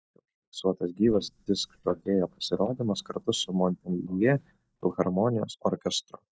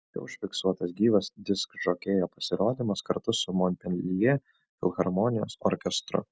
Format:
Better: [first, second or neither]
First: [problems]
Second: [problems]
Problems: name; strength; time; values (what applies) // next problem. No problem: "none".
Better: second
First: noise reduction (neural mask model DeepFilterNet 3)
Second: none